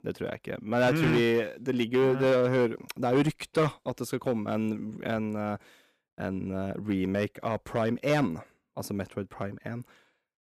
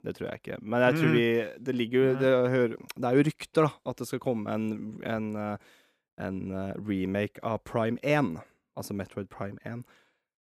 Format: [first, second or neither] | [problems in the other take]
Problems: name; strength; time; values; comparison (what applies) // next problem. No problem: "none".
second | distortion; slight; 4% of the sound clipped